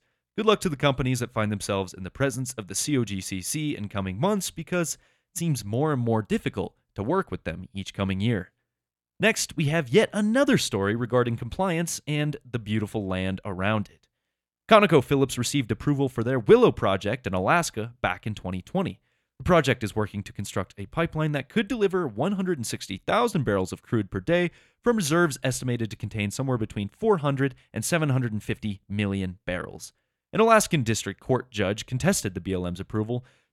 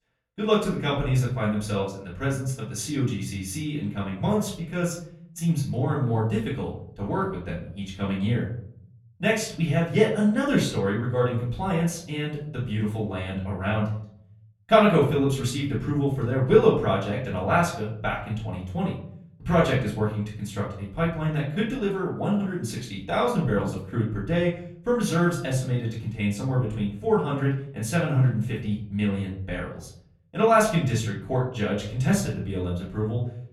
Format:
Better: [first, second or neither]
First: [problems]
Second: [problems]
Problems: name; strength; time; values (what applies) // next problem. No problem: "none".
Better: first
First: none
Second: off-mic speech; far // room echo; slight; dies away in 0.7 s